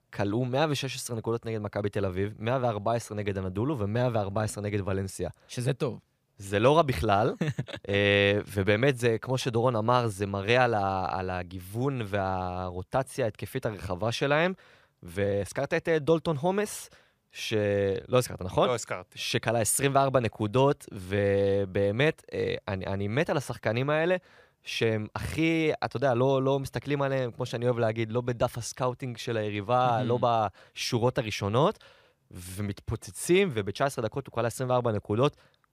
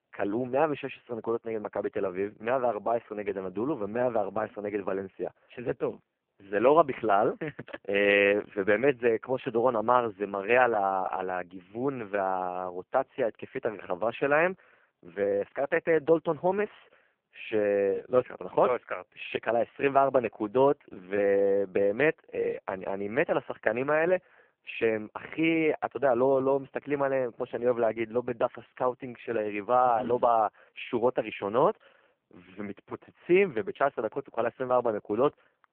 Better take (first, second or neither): first